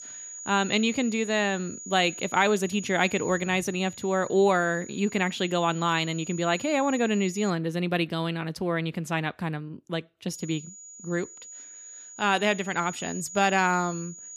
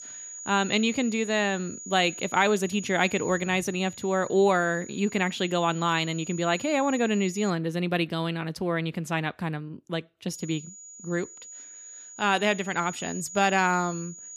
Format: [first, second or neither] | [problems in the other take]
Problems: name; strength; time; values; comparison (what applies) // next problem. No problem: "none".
neither | high-pitched whine; noticeable; until 7.5 s and from 10 s on; 7 kHz, 15 dB below the speech; the same in both